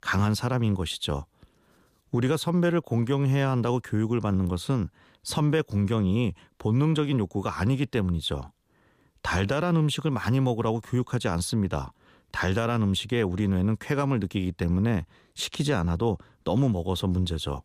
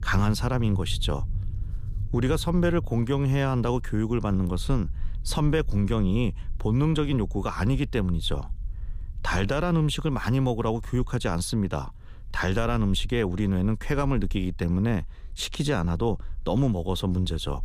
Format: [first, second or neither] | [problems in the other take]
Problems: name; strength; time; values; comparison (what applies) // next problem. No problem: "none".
first | low rumble; faint; throughout; 25 dB below the speech